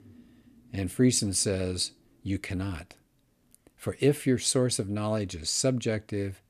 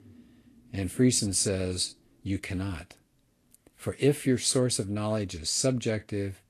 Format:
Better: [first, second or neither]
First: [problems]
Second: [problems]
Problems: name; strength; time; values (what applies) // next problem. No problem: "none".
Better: first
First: none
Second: garbled, watery; slightly